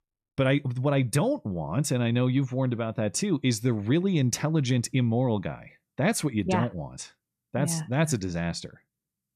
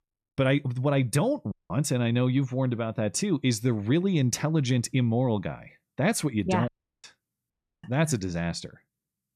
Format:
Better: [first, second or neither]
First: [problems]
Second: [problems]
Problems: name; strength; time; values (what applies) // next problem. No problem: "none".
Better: first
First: none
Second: audio cutting out; at 1.5 s, at 6.5 s and at 7.5 s